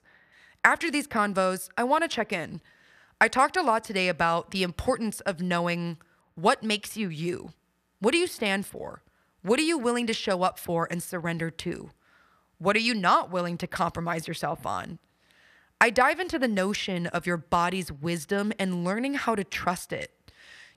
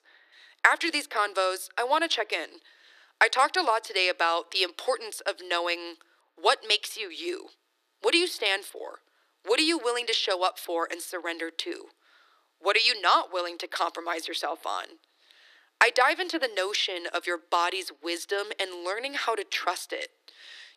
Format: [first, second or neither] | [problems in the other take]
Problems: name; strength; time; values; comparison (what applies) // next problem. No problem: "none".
first | thin; very; fading below 300 Hz